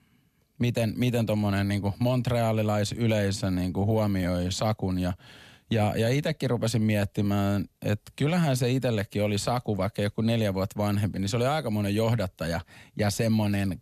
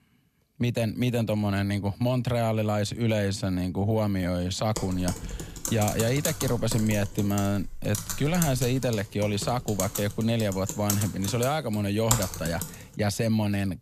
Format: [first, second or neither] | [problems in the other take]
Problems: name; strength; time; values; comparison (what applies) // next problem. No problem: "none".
first | keyboard typing; loud; from 5 to 13 s; peak level with the speech